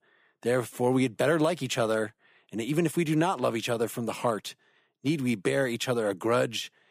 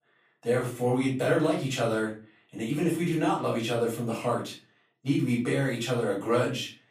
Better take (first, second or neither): first